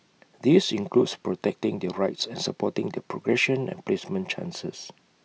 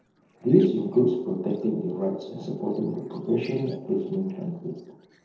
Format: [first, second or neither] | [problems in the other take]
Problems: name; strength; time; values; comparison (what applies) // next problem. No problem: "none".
first | noise reduction (neural separator model SepFormer DNS4)